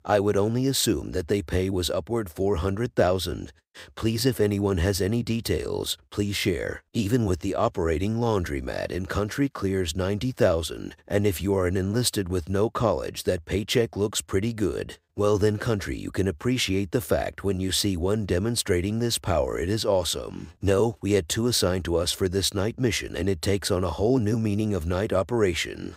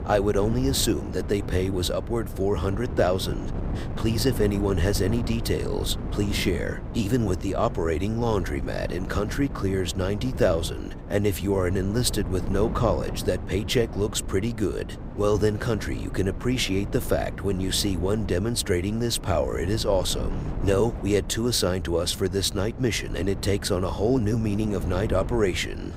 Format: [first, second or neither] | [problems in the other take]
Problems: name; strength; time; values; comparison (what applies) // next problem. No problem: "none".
first | wind noise on the microphone; occasional gusts; 15 dB below the speech